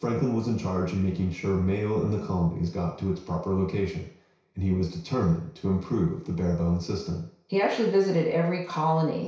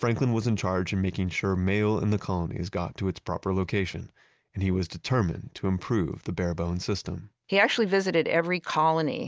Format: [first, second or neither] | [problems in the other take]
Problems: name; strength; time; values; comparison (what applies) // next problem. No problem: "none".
second | room echo; dies away in 0.6 s